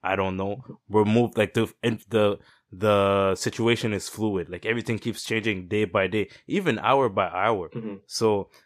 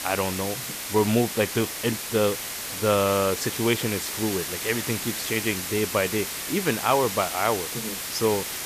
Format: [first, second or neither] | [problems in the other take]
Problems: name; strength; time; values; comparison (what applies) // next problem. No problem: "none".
first | hiss; loud; throughout; 4 dB below the speech